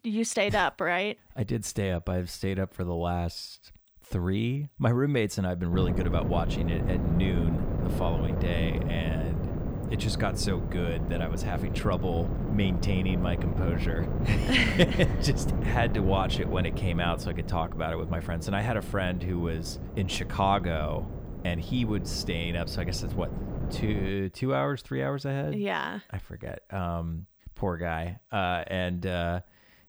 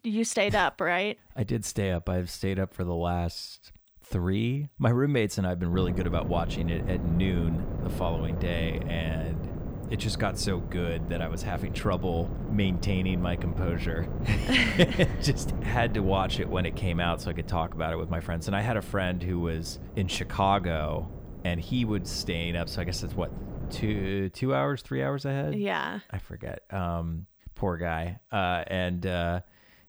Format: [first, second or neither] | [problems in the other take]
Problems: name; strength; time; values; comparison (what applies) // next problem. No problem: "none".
second | wind noise on the microphone; heavy; from 5.5 to 24 s; 8 dB below the speech; occasional gusts in the second